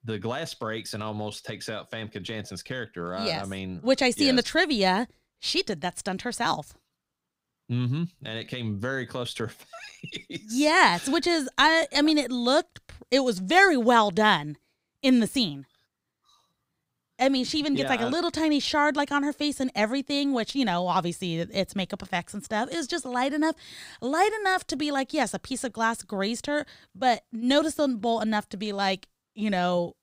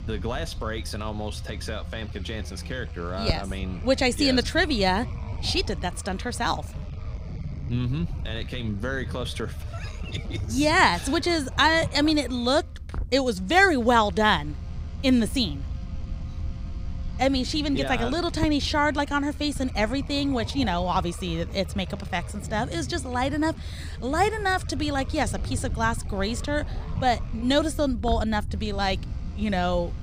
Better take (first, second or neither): first